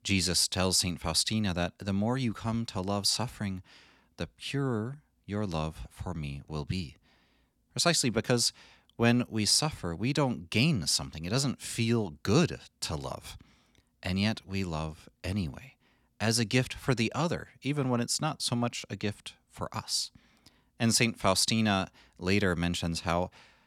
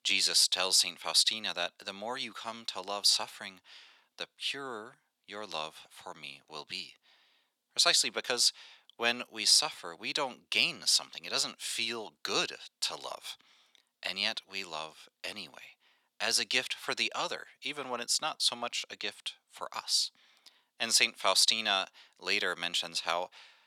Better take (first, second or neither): first